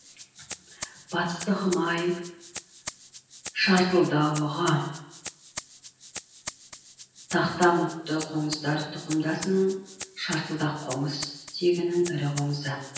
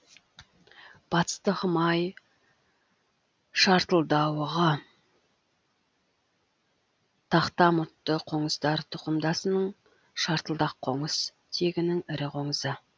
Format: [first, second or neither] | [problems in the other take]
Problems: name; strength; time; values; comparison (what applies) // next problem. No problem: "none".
second | background sound (Rattle (instrument)); 14 dB below the speech // room echo; dies away in 0.9 s